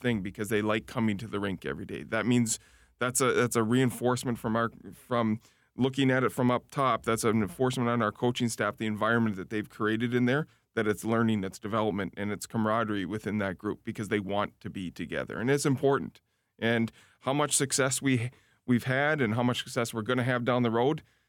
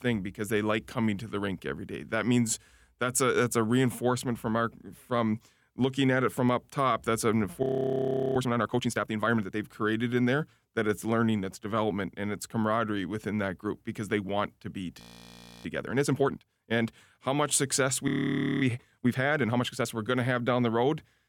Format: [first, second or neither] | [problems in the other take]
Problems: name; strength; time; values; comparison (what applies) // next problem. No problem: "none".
first | audio freezing; at 7.5 s for 0.5 s, at 15 s for 0.5 s and at 18 s for 0.5 s